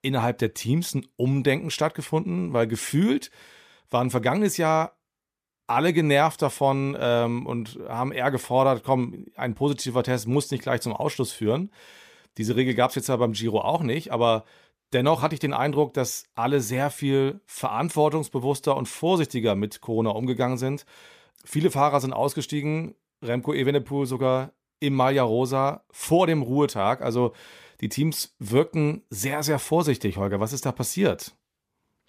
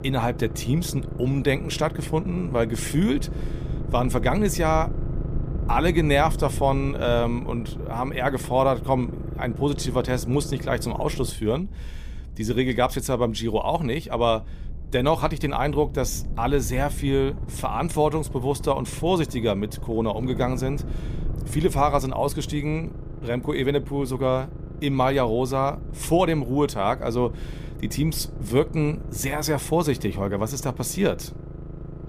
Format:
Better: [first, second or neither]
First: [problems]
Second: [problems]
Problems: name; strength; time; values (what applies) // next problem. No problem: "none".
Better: first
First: none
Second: low rumble; noticeable; throughout; 15 dB below the speech